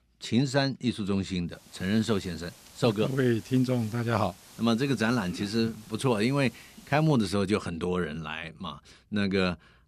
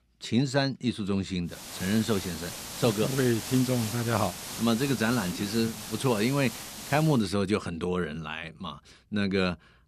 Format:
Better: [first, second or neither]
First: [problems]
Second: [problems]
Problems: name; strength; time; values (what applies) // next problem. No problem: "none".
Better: first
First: hiss; faint; from 1.5 to 7 s; 20 dB below the speech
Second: hiss; loud; from 1.5 to 7 s; 8 dB below the speech